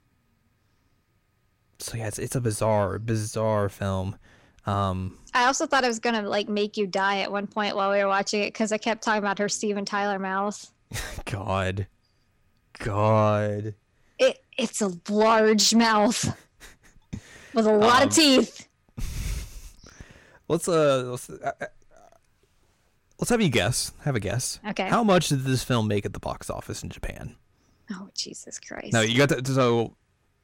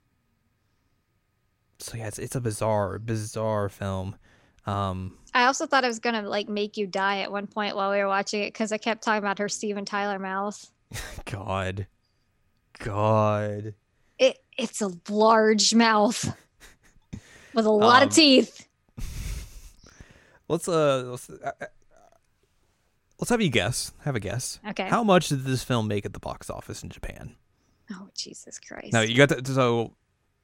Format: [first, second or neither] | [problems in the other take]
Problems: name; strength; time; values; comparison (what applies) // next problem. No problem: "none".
second | distortion; slight; 10 dB below the speech